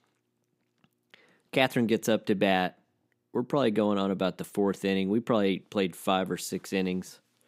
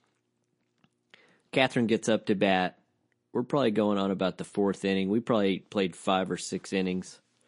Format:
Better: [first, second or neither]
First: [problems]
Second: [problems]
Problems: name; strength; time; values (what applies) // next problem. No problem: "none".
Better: first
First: none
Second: garbled, watery; slightly; nothing above 10.5 kHz